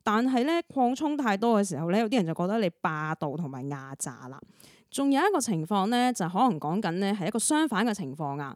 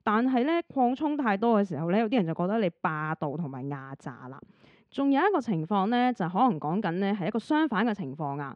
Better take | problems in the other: first | muffled; very; fading above 3 kHz

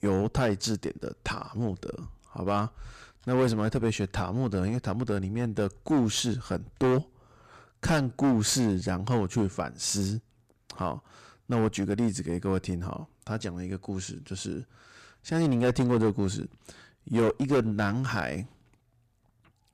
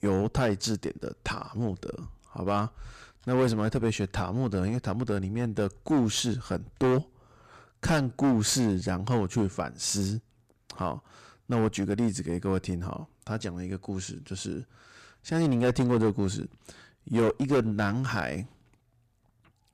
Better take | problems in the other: neither | distortion; heavy; 8% of the sound clipped; the same in both

